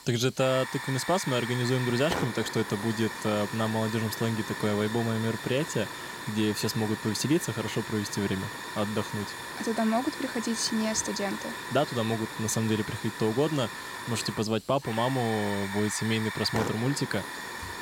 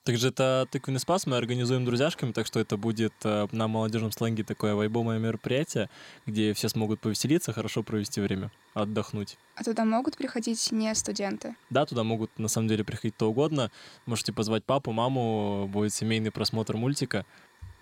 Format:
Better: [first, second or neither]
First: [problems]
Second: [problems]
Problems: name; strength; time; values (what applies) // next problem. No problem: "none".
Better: second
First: hiss; loud; throughout; 7 dB below the speech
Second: hiss; faint; throughout; 30 dB below the speech